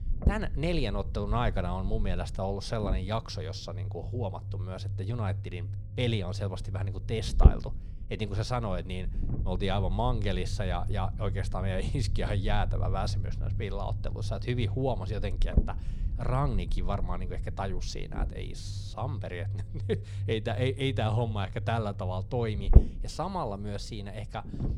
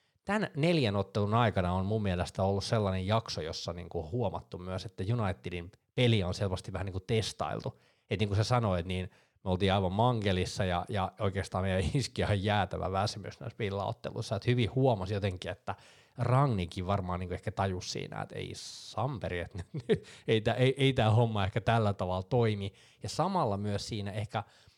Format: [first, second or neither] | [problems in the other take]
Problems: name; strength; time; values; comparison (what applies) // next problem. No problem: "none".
second | low rumble; noticeable; throughout; 10 dB below the speech